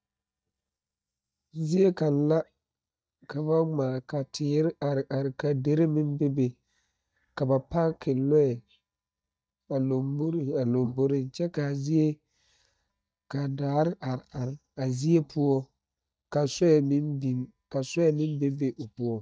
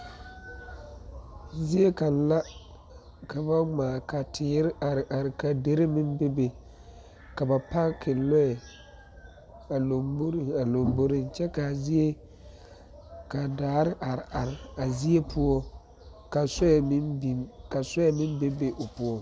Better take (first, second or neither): second